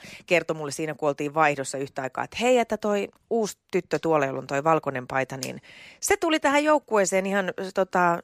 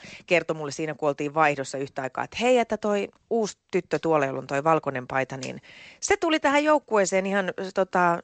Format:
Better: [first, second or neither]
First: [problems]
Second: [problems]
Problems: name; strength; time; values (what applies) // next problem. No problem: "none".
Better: first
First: none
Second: garbled, watery; slightly; nothing above 8 kHz